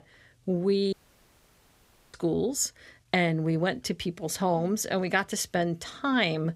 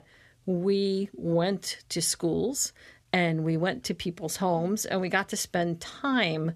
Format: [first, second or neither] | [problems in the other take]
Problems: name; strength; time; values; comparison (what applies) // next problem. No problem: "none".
second | audio cutting out; at 1 s for 1 s